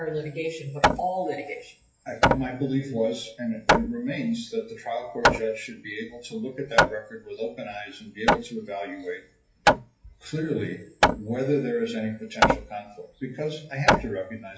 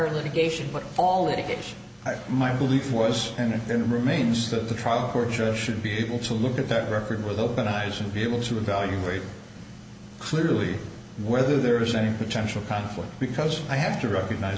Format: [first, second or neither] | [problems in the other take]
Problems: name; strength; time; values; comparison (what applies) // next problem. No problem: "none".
second | noise reduction (classical method WPE with log-MMSE)